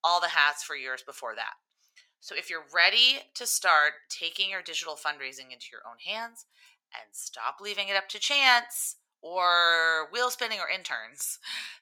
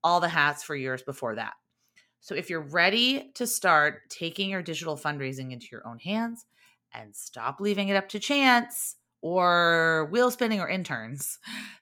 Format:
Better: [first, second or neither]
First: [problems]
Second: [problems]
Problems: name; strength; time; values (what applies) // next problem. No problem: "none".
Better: second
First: thin; very; fading below 800 Hz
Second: none